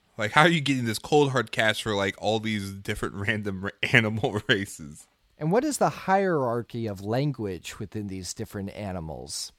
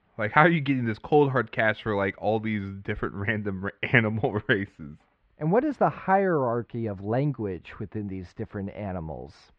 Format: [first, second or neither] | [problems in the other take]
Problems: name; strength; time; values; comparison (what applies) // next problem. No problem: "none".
first | muffled; very; fading above 2 kHz